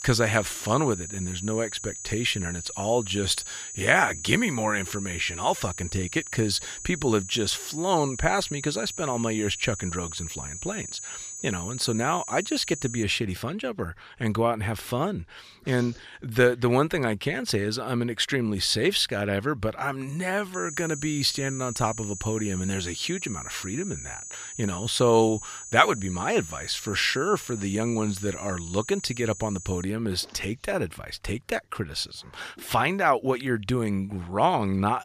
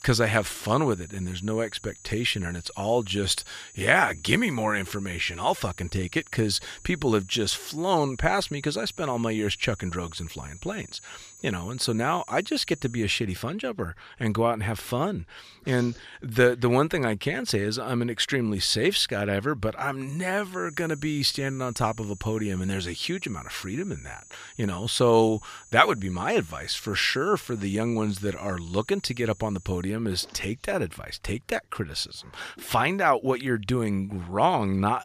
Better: second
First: high-pitched whine; loud; until 13 s and from 21 to 30 s; 7 kHz, 9 dB below the speech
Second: high-pitched whine; faint; until 13 s and from 21 to 30 s; 7 kHz, 20 dB below the speech

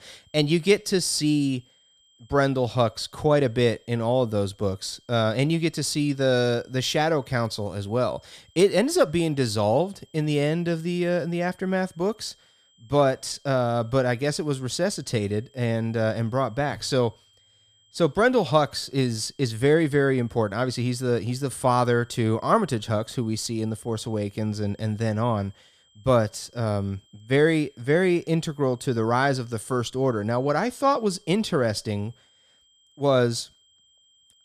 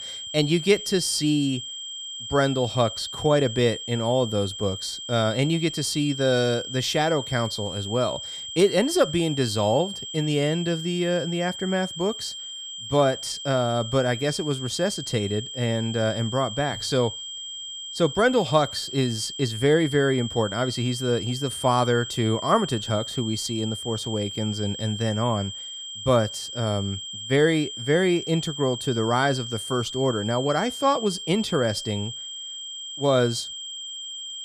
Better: first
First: high-pitched whine; faint; throughout; 3 kHz, 35 dB below the speech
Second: high-pitched whine; loud; throughout; 3 kHz, 8 dB below the speech

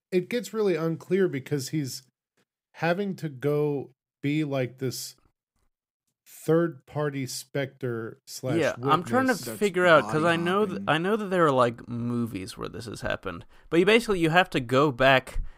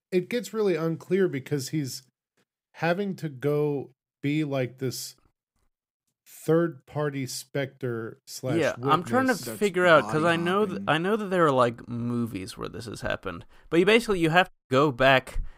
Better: first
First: none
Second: audio cutting out; at 15 s

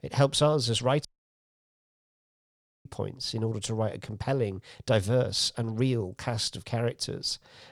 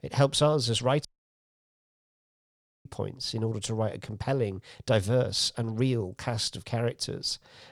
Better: neither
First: audio cutting out; at 1 s for 2 s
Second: audio cutting out; at 1 s for 2 s

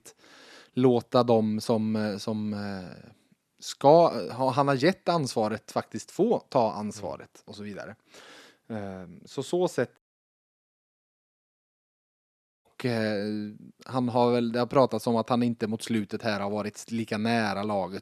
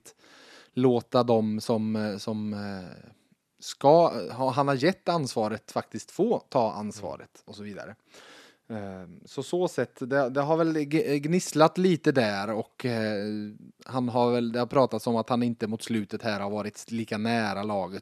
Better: second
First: audio cutting out; at 10 s for 2.5 s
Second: none

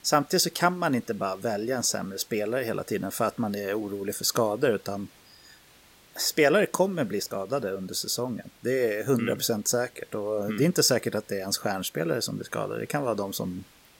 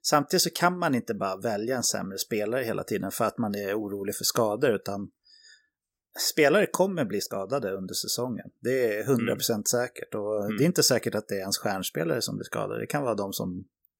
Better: second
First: hiss; faint; throughout; 25 dB below the speech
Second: none

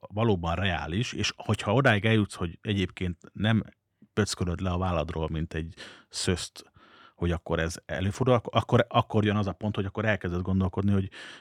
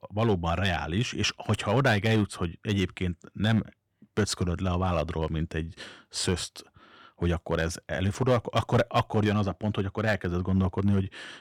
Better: first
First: none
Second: distortion; slight; 2% of the sound clipped

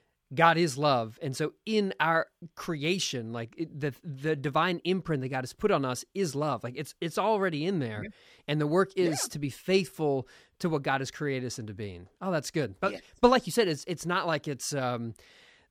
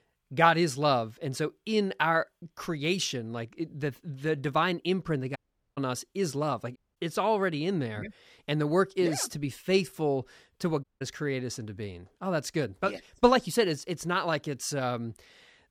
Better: first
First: none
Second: audio cutting out; at 5.5 s, at 7 s and at 11 s

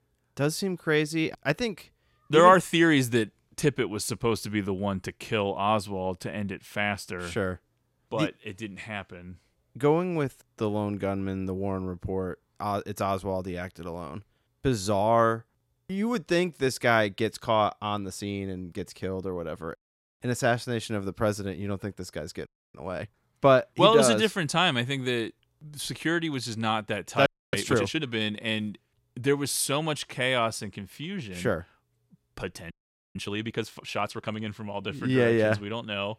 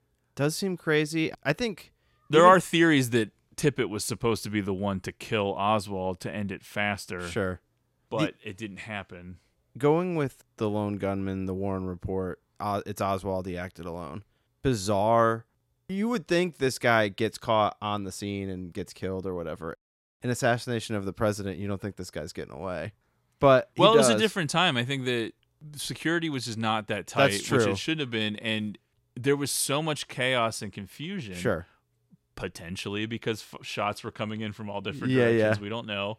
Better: second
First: audio freezing; at 22 s, at 27 s and at 33 s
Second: none

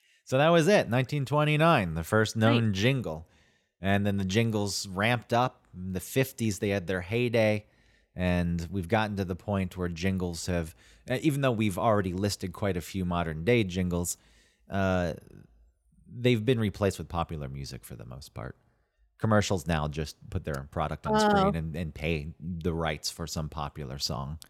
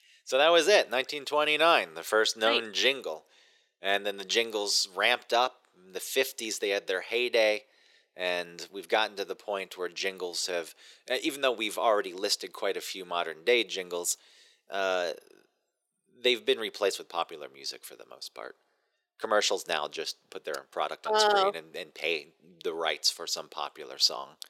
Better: first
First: none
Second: thin; very; fading below 400 Hz

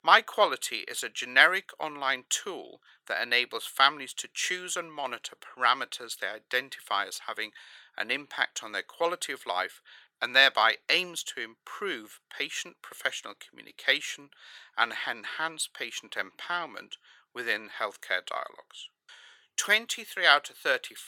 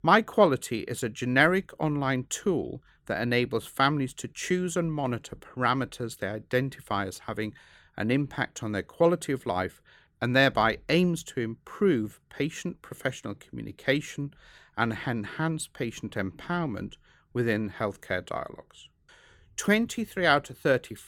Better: second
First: thin; very; fading below 850 Hz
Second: none

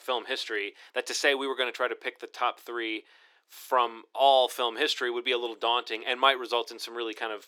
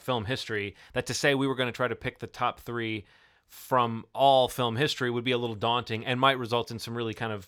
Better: second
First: thin; very; fading below 350 Hz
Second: none

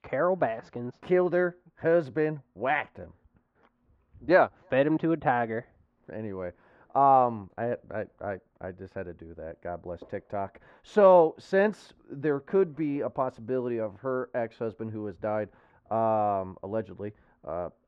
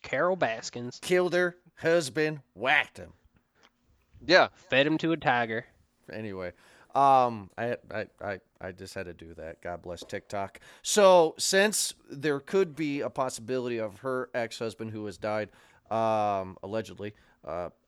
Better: second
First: muffled; very; fading above 4 kHz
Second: none

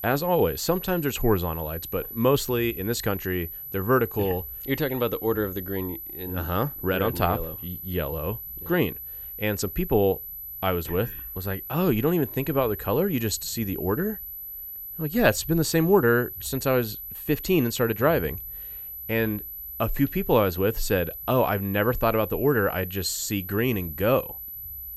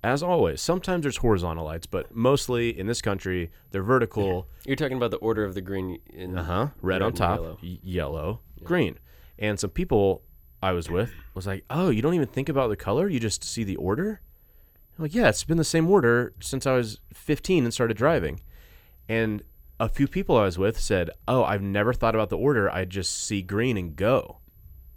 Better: second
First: high-pitched whine; loud; throughout; 12 kHz, 9 dB below the speech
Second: high-pitched whine; faint; throughout; 12 kHz, 35 dB below the speech

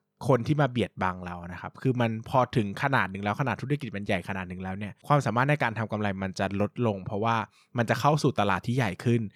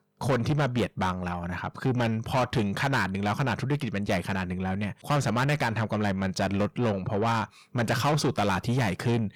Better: first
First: none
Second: distortion; heavy; 7 dB below the speech

